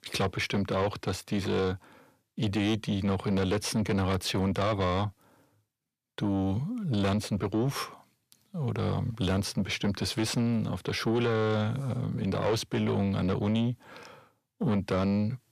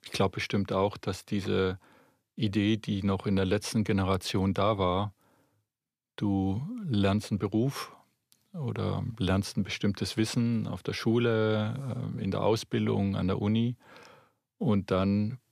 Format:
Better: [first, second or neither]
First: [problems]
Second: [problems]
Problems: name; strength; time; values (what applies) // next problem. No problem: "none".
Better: second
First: distortion; slight; 10 dB below the speech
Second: none